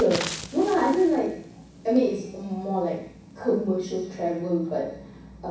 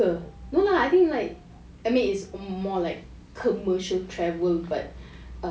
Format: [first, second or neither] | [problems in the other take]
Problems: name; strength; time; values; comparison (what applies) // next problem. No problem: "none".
second | background sound (Fire); 16 dB below the speech // room echo; dies away in 0.7 s